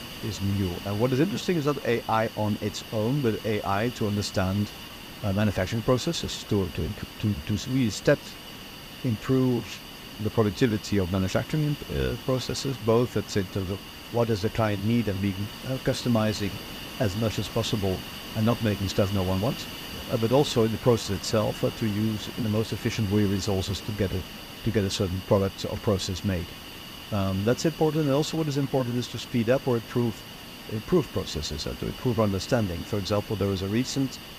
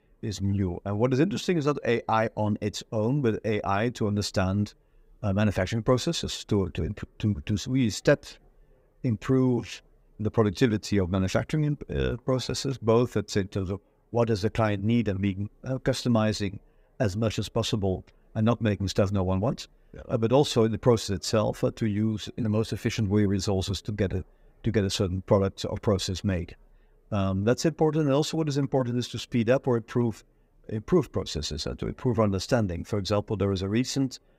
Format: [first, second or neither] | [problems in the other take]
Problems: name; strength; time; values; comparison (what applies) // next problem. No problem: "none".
second | hiss; noticeable; throughout; 10 dB below the speech